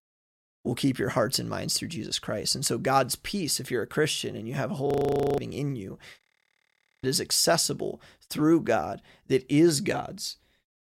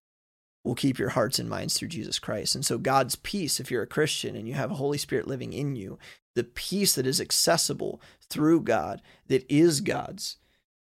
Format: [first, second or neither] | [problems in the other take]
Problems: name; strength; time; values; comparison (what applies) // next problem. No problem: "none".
second | audio freezing; at 5 s for 0.5 s and at 6 s for 1 s